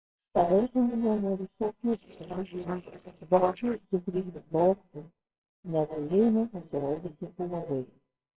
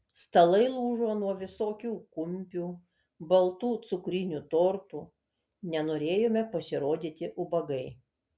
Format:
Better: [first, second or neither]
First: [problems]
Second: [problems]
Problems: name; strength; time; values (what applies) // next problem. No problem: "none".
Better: second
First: noise reduction (neural separator model SepFormer WHAMR!)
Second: none